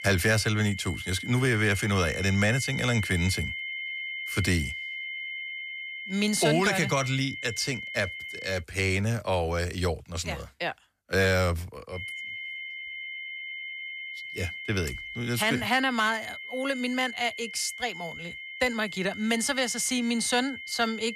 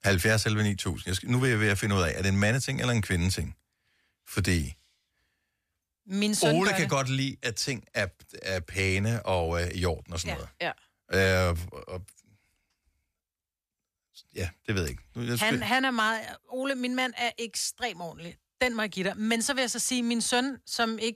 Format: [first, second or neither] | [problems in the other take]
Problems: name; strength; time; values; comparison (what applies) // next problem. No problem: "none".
second | high-pitched whine; loud; until 8.5 s and from 12 s on; 2 kHz, 8 dB below the speech